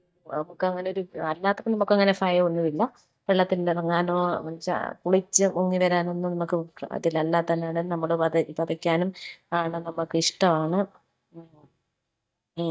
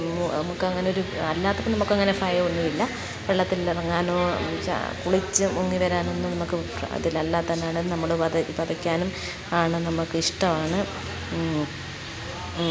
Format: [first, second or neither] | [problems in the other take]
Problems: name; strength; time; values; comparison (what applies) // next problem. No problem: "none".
second | noise reduction (neural mask model DeepFilterNet 3)